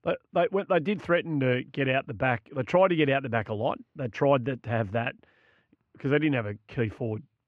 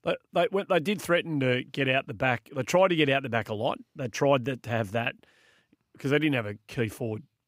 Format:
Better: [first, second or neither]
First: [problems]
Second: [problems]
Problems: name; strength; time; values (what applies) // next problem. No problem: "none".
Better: second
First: muffled; very; fading above 2.5 kHz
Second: none